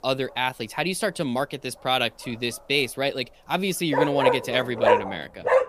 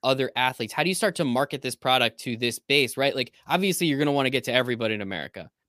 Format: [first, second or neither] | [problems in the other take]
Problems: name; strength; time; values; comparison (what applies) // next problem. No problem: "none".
second | animal sounds; very loud; throughout; 2 dB above the speech